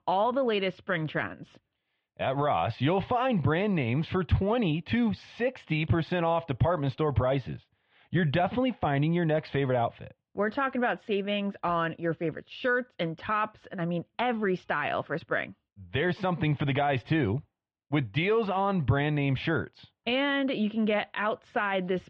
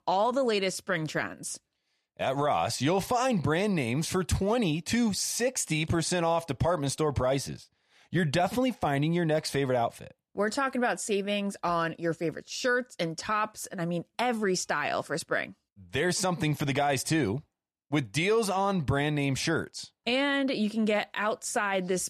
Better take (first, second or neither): second